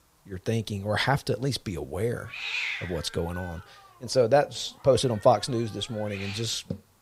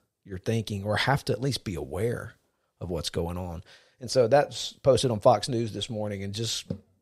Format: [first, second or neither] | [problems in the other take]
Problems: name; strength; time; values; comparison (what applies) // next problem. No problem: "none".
second | hiss; loud; throughout; 8 dB below the speech